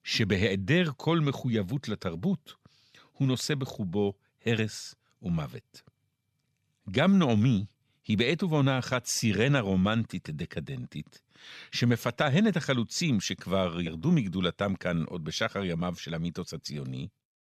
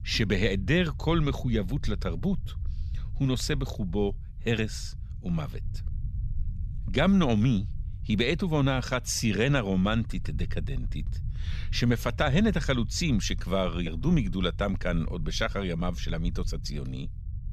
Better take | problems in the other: first | low rumble; faint; throughout; 25 dB below the speech

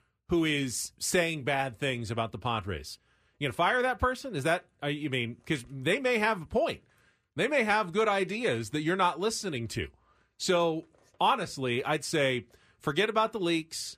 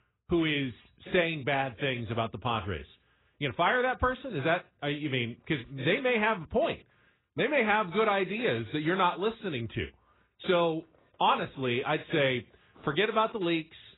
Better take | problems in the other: first | garbled, watery; badly; nothing above 4 kHz

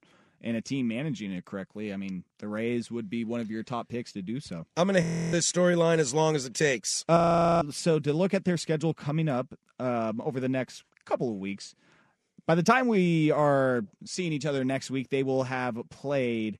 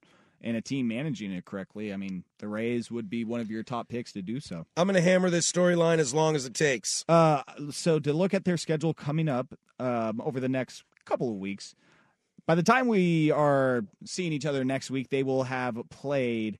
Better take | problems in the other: second | audio freezing; at 5 s and at 7 s

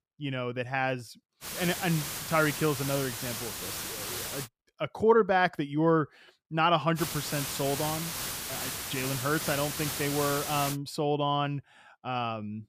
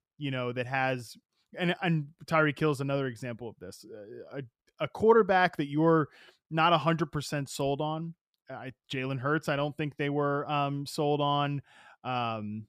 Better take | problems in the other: second | hiss; loud; from 1.5 to 4.5 s and from 7 to 11 s; 5 dB below the speech

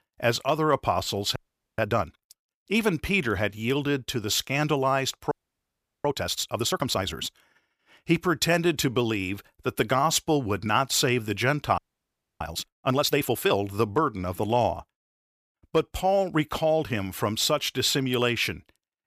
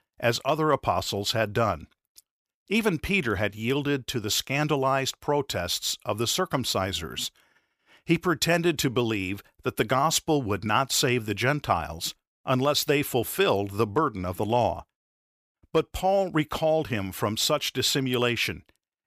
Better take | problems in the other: second | audio freezing; at 1.5 s, at 5.5 s for 0.5 s and at 12 s for 0.5 s

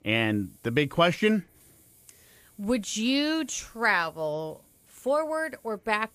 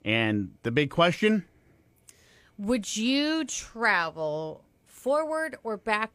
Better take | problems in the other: second | hiss; faint; throughout; 30 dB below the speech

